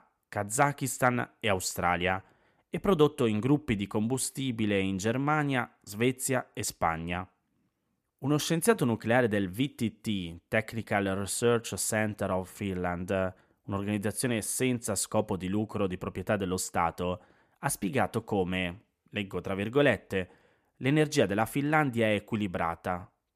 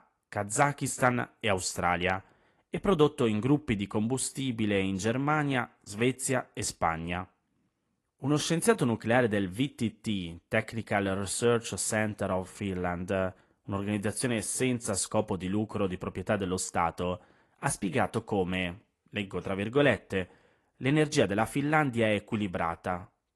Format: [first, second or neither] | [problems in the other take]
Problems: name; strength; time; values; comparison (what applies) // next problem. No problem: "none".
first | garbled, watery; slightly; nothing above 11.5 kHz